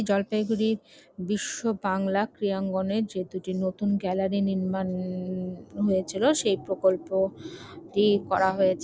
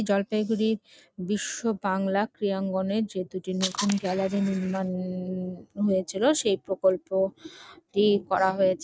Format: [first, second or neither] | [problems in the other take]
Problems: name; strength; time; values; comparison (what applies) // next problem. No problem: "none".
first | noise reduction (neural mask model RNNoise)